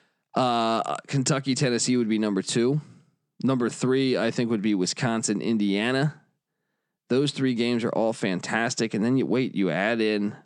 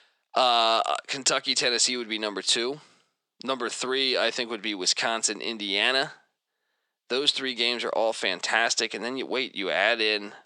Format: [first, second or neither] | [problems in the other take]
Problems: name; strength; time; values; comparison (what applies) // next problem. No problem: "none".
first | thin; very; fading below 600 Hz